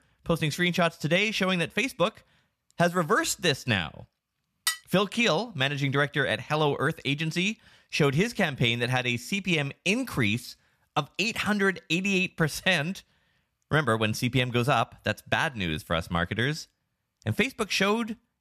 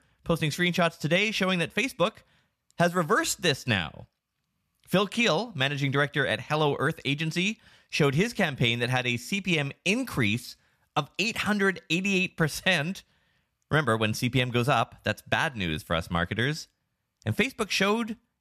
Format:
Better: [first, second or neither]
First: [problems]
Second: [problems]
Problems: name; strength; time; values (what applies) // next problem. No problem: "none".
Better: second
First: clattering dishes; noticeable; at 4.5 s; peak 3 dB below the speech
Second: none